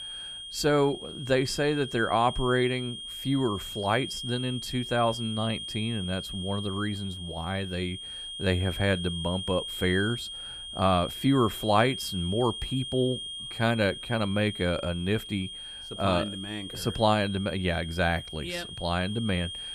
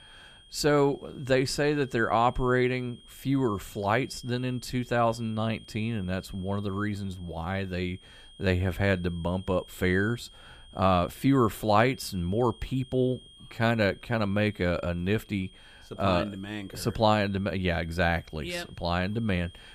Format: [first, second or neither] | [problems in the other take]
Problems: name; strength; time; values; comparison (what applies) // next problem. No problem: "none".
second | high-pitched whine; loud; throughout; 3 kHz, 8 dB below the speech; faint in the second